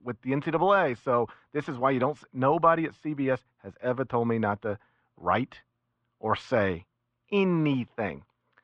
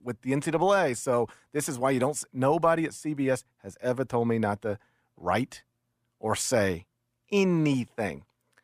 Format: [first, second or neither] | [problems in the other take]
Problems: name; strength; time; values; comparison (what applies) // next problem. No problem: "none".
second | muffled; very; fading above 3.5 kHz